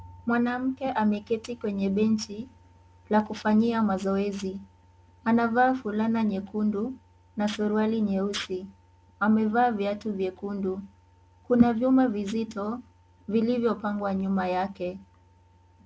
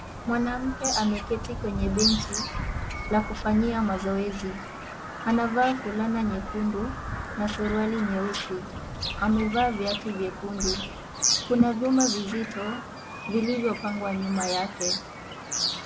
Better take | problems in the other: first | background sound (Bird vocalization, bird call, bird song); 5 dB below the speech

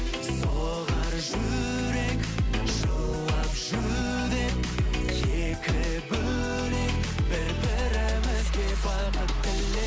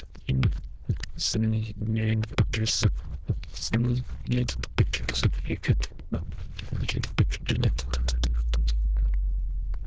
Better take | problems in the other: first | noise reduction (neural diffusion model UNIVERSE++)

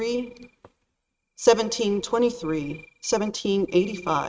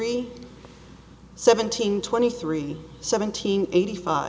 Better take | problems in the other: second | noise reduction (neural mask model RNNoise)

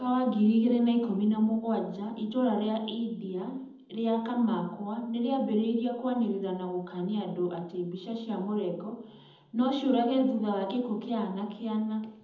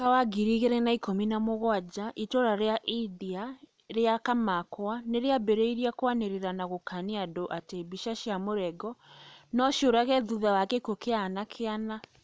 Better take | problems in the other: second | room echo; dies away in 0.8 s

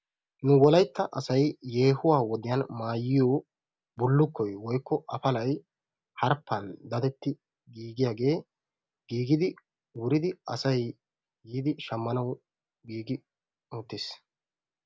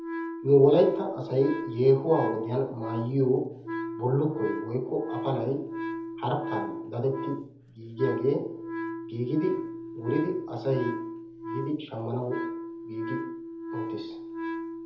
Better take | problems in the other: first | background sound (Wind instrument, woodwind instrument); 7 dB below the speech // room echo; dies away in 0.7 s

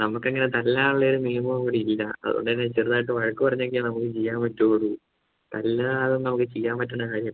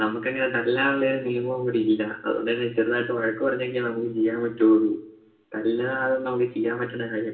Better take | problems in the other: first | room echo; dies away in 0.7 s

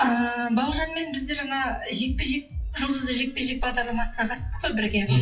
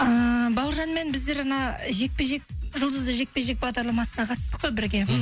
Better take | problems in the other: second | noise reduction (classical method WPE with log-MMSE)

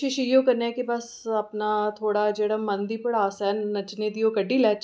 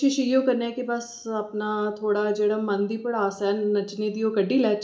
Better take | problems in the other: first | room echo; dies away in 0.4 s

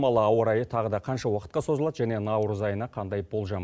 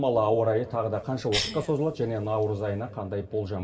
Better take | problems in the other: first | background sound (Cough); 12 dB below the speech // room echo; dies away in 2.8 s

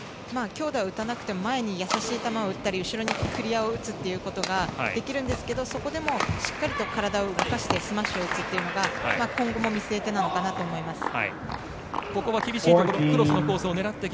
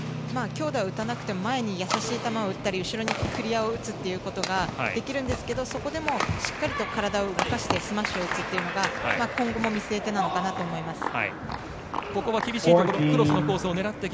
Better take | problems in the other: first | background sound (Guitar); 17 dB below the speech

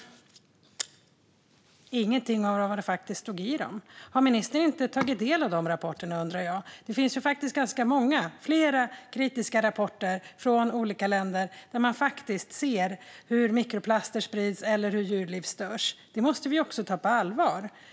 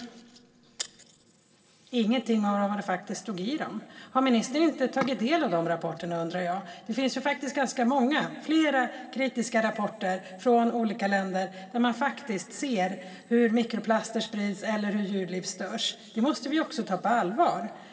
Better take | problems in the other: first | room echo; dies away in 2.6 s

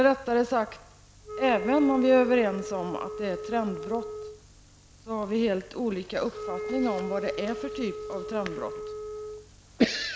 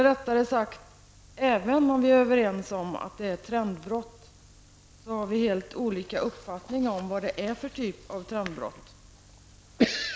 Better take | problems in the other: second | background sound (Wind instrument, woodwind instrument); 8 dB below the speech

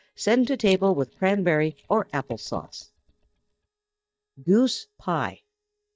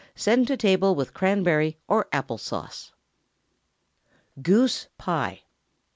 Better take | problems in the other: second | noise reduction (neural mask model DeepFilterNet 3)

